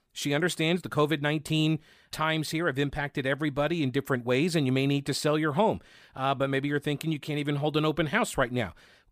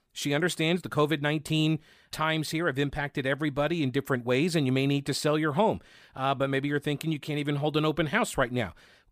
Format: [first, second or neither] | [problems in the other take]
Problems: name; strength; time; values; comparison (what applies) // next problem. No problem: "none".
neither | none